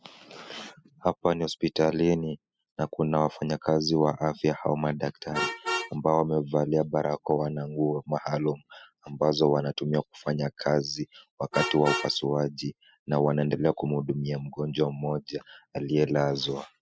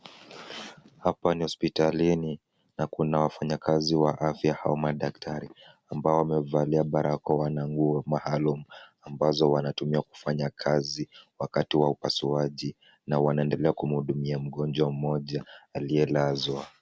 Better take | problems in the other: second | noise reduction (classical method spectral subtraction)

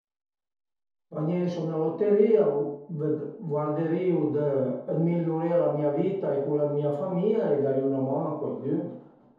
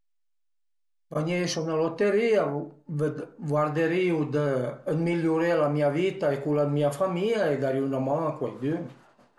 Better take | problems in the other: second | room echo; dies away in 0.8 s

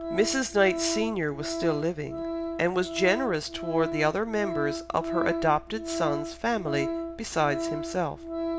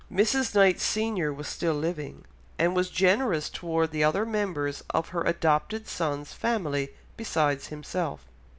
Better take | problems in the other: second | background sound (Organ); 5 dB below the speech

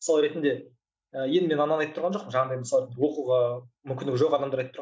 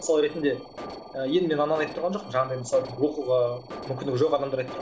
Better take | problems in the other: first | background sound (Alarm); 15 dB below the speech

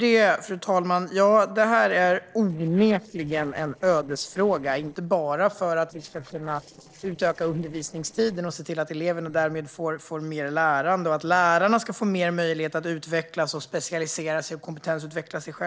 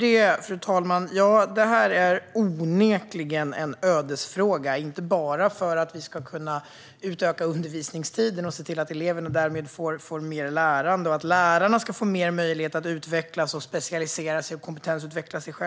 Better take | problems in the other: second | noise reduction (neural separator model SepFormer DNS4)

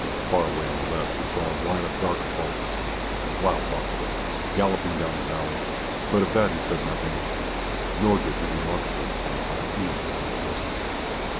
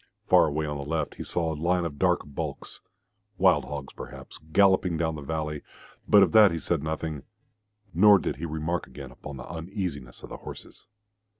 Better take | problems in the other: second | background sound (Water); 1 dB above the speech

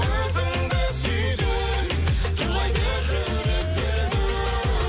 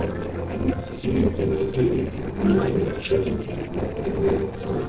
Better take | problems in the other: first | noise reduction (neural separator model SepFormer DNS4)

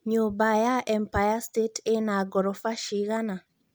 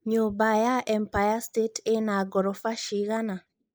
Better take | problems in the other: first | noise reduction (neural mask model Resemble Enhance denoiser)

